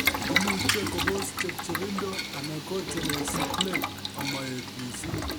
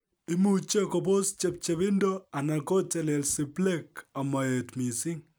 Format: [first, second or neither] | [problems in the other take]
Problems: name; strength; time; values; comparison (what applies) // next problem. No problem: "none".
second | background sound (Boiling); 4 dB above the speech